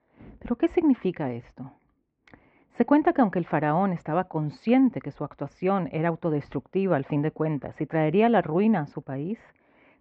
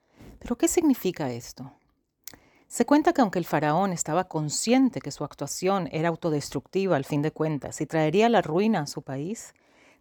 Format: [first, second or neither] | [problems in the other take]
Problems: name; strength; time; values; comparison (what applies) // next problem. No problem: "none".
second | muffled; very; fading above 2.5 kHz